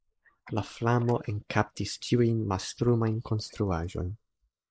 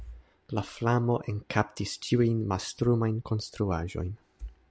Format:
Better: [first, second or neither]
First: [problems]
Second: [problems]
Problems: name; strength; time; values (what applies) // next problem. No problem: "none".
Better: second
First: noise reduction (neural mask model Resemble Enhance denoiser)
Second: none